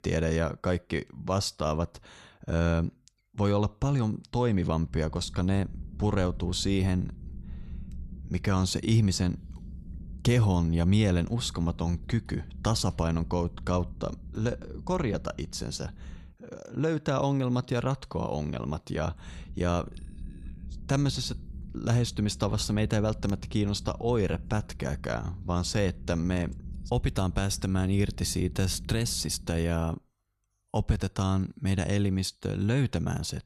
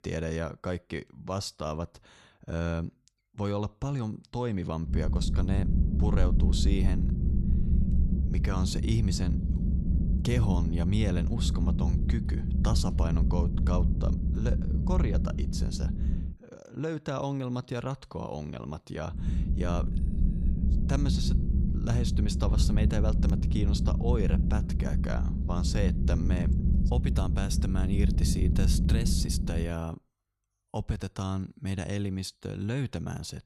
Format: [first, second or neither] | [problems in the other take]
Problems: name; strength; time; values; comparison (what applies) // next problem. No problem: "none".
first | low rumble; loud; from 5 to 16 s and from 19 to 30 s; 4 dB below the speech; faint in the first